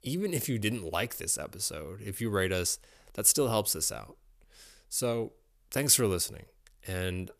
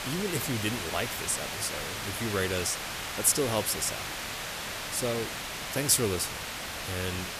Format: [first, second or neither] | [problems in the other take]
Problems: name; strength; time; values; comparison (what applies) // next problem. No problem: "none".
first | hiss; loud; throughout; 4 dB below the speech